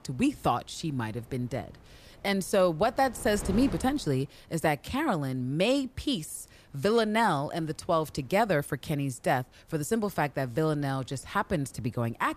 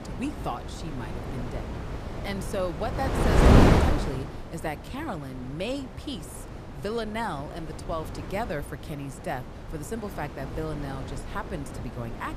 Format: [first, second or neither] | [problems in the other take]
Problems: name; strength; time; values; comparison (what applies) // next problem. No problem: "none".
first | wind noise on the microphone; heavy; 4 dB above the speech; occasional gusts in the first